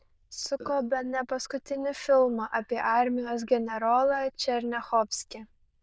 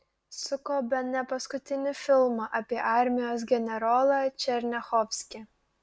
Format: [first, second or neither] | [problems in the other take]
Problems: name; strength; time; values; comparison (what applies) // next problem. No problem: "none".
second | noise reduction (neural diffusion model UNIVERSE++)